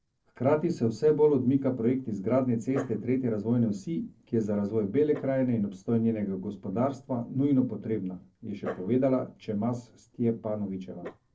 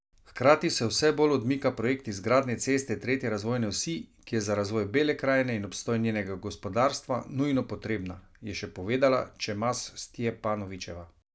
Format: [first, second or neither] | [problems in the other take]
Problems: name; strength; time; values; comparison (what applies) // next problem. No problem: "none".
second | noise reduction (neural separator model SepFormer DNS4)